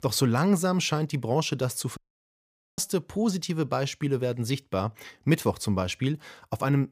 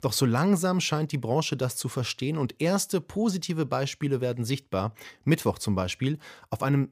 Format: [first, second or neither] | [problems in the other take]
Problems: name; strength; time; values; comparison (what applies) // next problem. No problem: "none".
second | audio cutting out; at 2 s for 1 s